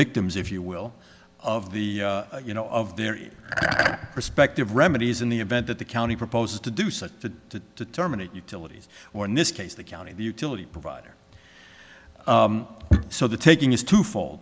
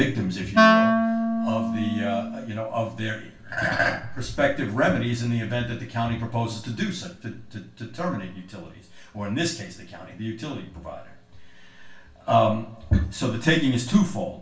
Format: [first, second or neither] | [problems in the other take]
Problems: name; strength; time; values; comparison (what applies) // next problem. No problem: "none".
first | background sound (Wind instrument, woodwind instrument); 4 dB above the speech // room echo; dies away in 0.3 s